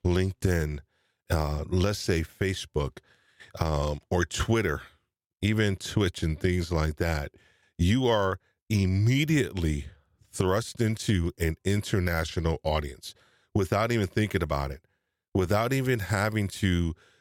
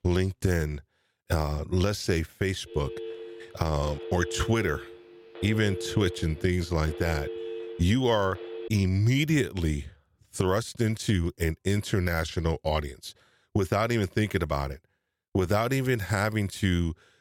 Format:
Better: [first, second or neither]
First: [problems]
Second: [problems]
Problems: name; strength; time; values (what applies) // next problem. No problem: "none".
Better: first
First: none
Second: phone ringing; noticeable; from 2.5 to 8.5 s; peak 8 dB below the speech